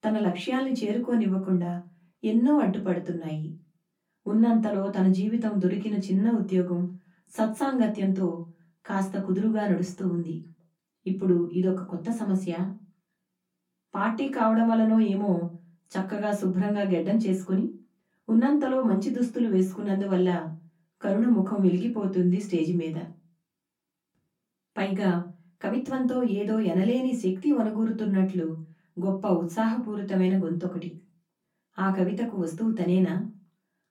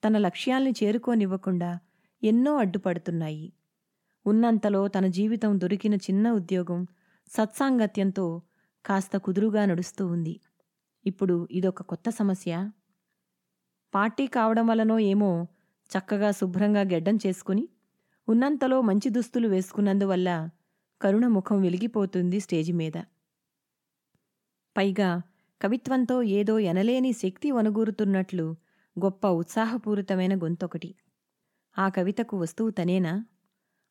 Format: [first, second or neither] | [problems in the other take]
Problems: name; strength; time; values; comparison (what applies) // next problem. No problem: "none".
second | off-mic speech; far // room echo; very slight; dies away in 0.3 s